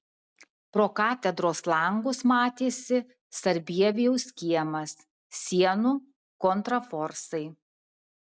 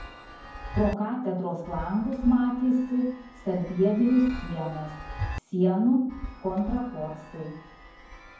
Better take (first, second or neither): first